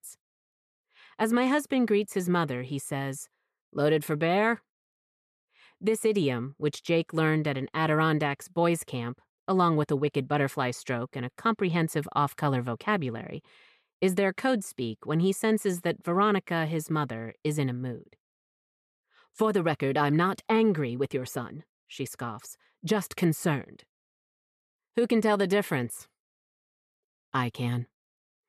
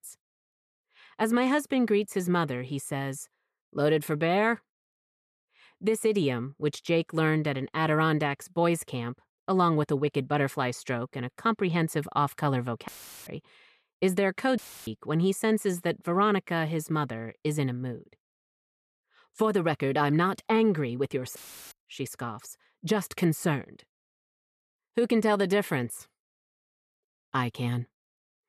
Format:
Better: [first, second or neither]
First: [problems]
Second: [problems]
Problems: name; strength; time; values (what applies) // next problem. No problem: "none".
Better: first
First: none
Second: audio cutting out; filled with static; at 13 s, at 15 s and at 21 s